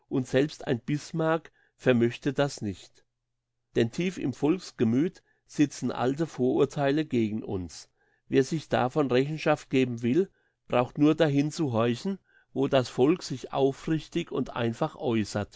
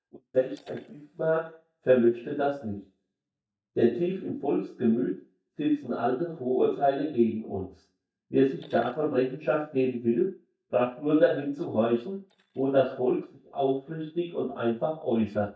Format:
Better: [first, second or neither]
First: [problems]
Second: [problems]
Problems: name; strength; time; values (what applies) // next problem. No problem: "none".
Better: first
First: none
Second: noise reduction (neural mask model DeepFilterNet 3)